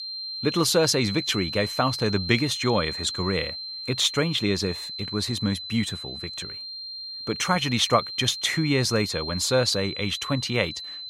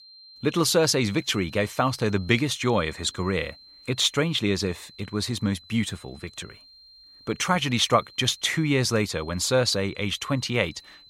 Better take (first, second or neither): second